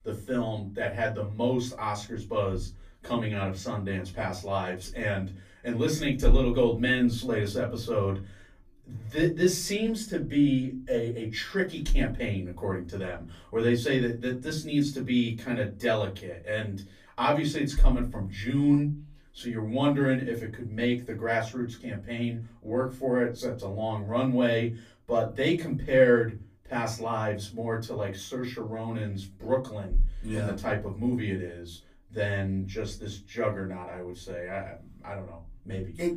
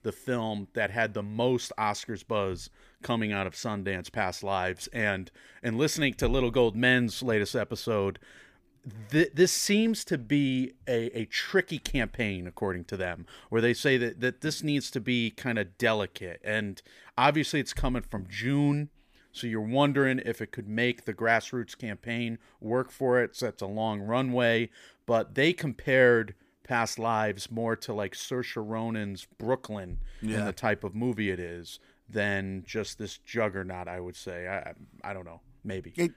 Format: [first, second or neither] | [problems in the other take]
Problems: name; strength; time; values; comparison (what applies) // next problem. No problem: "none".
second | off-mic speech; far // room echo; very slight; dies away in 0.3 s